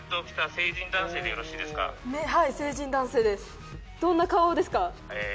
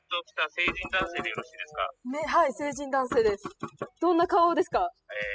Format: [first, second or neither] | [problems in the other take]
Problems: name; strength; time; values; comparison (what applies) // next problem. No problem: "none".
first | noise reduction (classical method spectral subtraction)